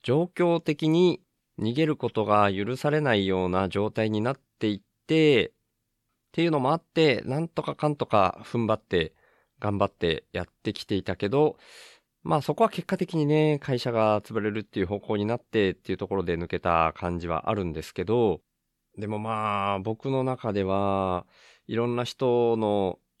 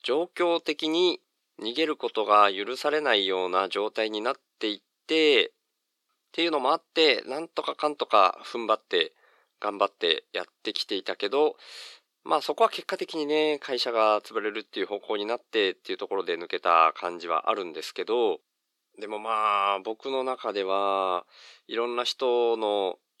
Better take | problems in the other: first | thin; very; fading below 350 Hz

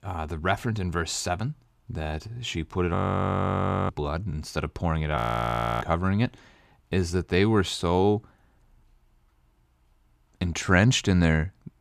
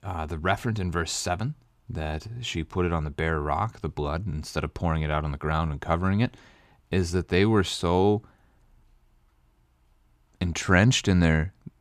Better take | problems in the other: second | audio freezing; at 3 s for 1 s and at 5 s for 0.5 s

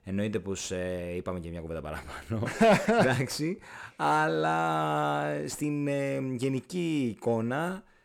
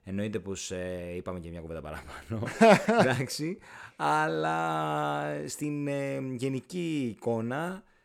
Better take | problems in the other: second | distortion; slight; 10 dB below the speech

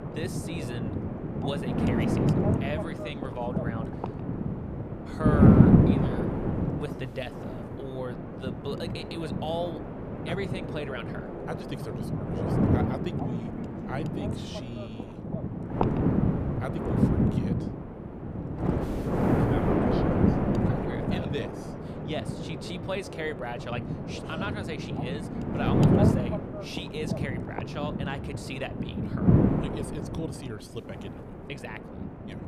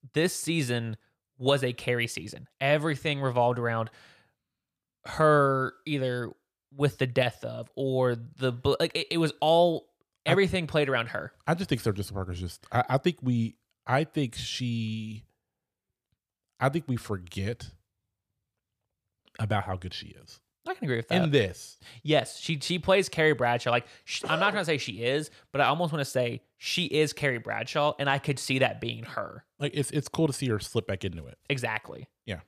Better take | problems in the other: second | wind noise on the microphone; heavy; 4 dB above the speech

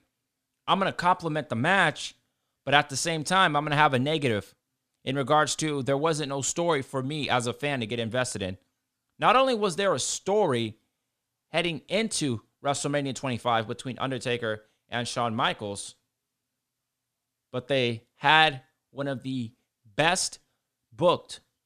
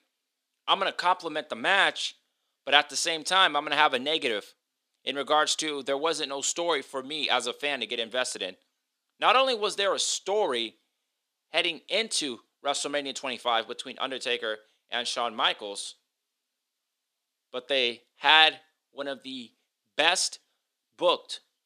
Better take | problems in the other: first | thin; somewhat; fading below 300 Hz

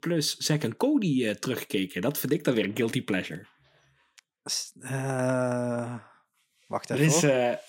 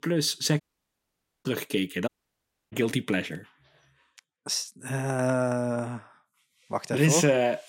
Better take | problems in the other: first | audio cutting out; at 0.5 s for 1 s and at 2 s for 0.5 s

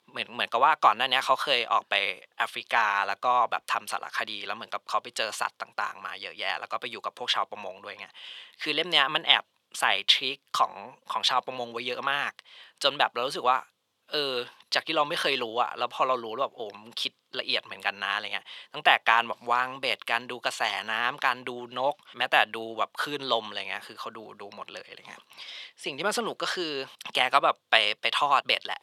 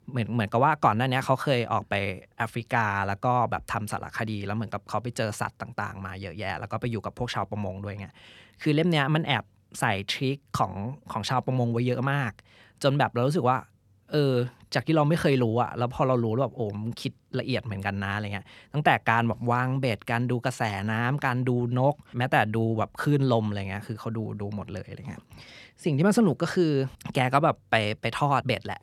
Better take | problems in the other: second | thin; very; fading below 600 Hz

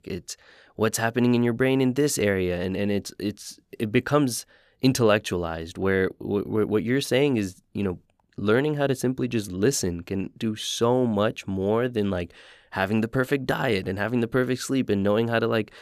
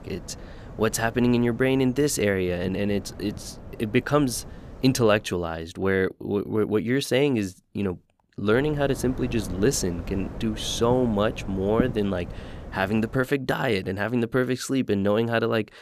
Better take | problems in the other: first | wind noise on the microphone; occasional gusts; until 5.5 s and from 8.5 to 13 s; 15 dB below the speech

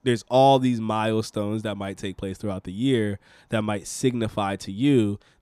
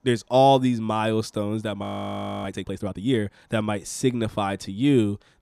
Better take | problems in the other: first | audio freezing; at 2 s for 0.5 s

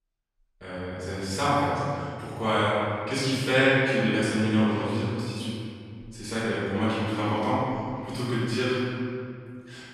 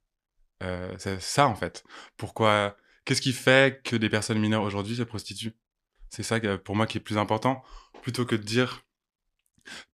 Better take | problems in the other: second | off-mic speech; far // room echo; strong; dies away in 2.1 s

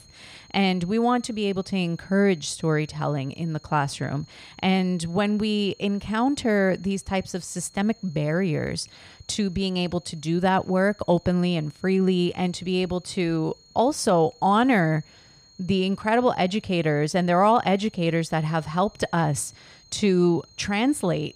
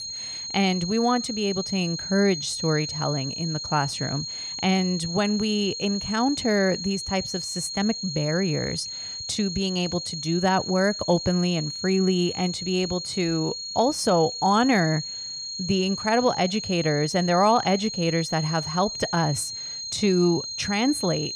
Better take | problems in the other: first | high-pitched whine; loud; throughout; 4 kHz, 6 dB below the speech; faint in the first

